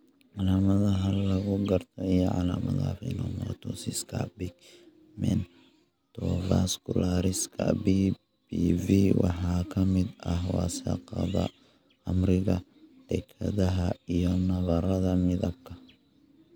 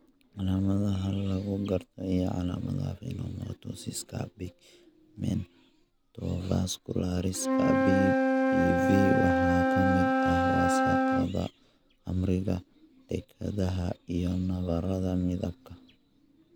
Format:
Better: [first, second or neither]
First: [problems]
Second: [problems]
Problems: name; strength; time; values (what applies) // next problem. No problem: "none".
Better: first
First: none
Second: background sound (Wind instrument, woodwind instrument); as loud as the speech